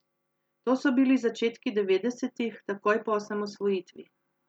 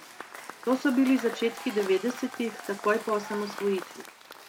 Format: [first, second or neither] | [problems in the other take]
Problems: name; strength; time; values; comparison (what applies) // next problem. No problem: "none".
first | background sound (Applause / Crowd / Cheering); 13 dB below the speech